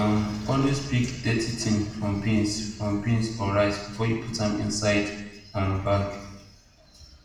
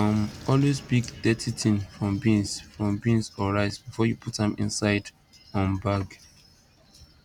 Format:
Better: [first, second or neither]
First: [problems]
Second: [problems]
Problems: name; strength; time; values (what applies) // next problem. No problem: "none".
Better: second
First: room echo; dies away in 0.9 s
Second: none